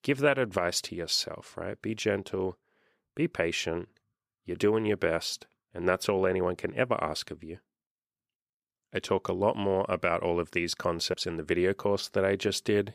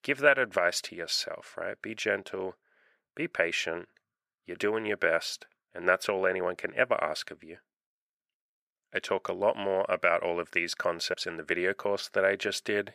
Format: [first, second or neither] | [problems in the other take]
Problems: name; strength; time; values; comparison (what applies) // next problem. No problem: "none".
first | thin; somewhat; fading below 350 Hz